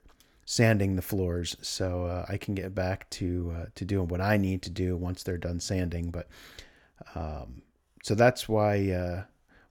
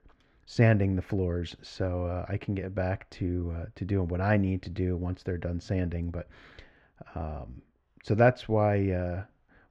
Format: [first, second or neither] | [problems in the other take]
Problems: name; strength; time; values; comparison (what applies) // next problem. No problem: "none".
first | muffled; slightly; fading above 2.5 kHz